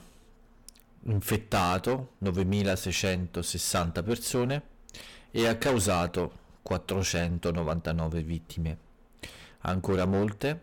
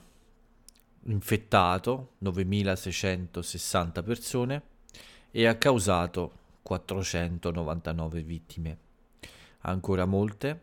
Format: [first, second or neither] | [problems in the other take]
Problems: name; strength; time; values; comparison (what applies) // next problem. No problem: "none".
second | distortion; heavy; 11% of the sound clipped